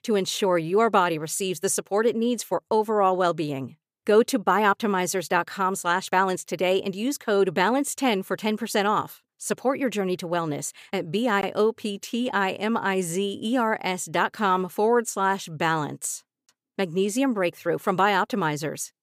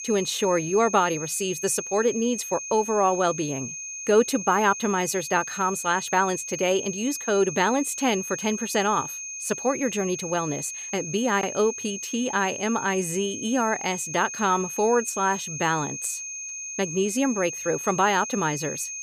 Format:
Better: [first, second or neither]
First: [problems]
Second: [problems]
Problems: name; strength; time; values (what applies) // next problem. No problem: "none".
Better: first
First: none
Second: high-pitched whine; loud; throughout; 6.5 kHz, 7 dB below the speech